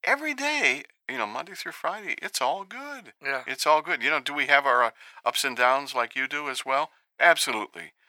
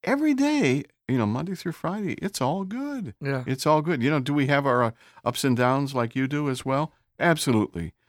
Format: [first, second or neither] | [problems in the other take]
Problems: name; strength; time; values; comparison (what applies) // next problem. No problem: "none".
second | thin; very; fading below 750 Hz